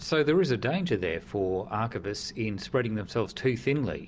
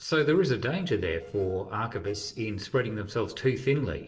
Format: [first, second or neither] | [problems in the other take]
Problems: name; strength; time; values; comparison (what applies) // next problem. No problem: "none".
first | noise reduction (neural separator model SepFormer DNS4)